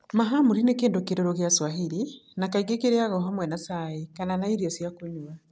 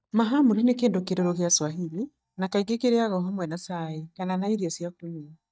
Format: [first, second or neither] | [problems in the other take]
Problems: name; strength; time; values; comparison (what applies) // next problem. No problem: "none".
first | noise reduction (neural mask model DeepFilterNet 3)